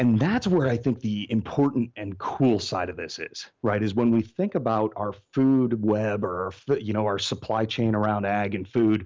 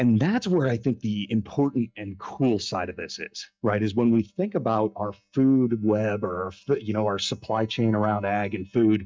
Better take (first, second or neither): first